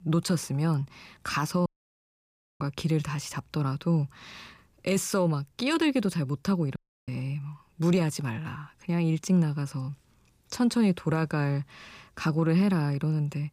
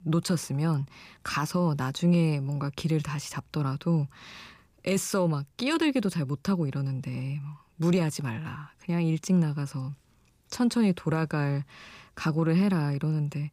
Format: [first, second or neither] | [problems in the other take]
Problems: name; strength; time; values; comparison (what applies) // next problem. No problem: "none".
second | audio cutting out; at 1.5 s for 1 s and at 7 s